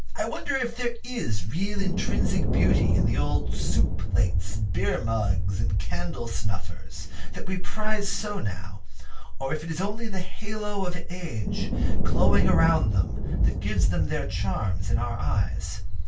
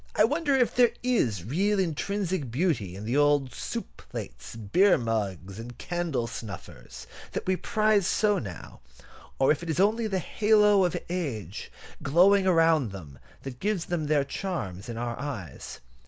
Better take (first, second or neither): second